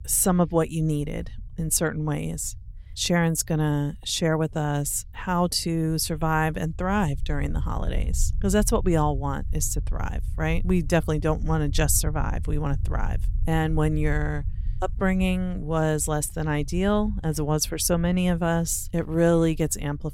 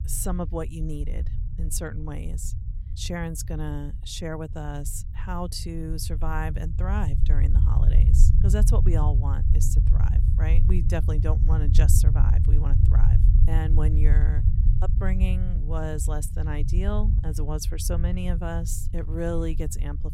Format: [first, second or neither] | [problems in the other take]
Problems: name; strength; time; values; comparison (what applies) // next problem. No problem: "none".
first | low rumble; loud; throughout; 6 dB below the speech; faint in the first